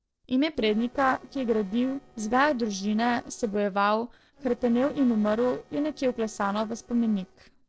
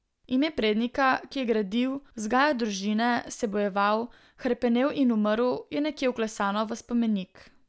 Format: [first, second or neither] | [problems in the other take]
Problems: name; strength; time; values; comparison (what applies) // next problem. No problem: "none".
second | noise reduction (neural separator model SepFormer DNS4)